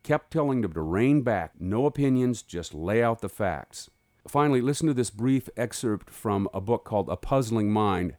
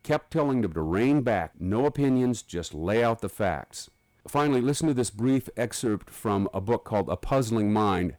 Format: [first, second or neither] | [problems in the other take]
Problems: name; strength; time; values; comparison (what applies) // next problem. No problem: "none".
first | distortion; slight; 8% of the sound clipped